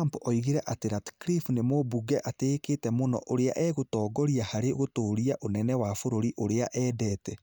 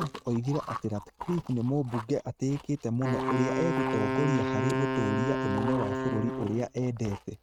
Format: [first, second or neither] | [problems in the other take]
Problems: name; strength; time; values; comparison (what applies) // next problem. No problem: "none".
first | noise reduction (neural mask model RNNoise)